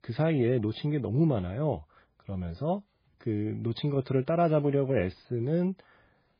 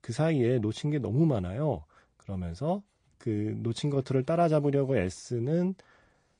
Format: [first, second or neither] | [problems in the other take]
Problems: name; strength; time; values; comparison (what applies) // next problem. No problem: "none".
second | garbled, watery; badly; nothing above 5 kHz; slightly in the second